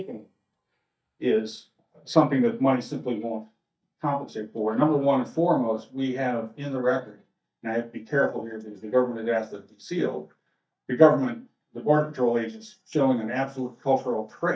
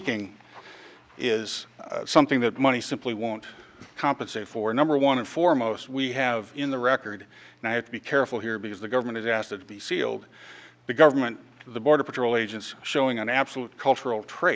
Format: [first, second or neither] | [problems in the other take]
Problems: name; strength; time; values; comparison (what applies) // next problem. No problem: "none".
second | noise reduction (neural mask model DeepFilterNet 3)